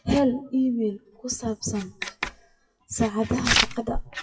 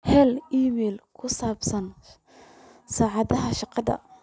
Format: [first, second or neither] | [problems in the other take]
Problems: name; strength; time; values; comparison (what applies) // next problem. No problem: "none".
second | noise reduction (classical method WPE with log-MMSE)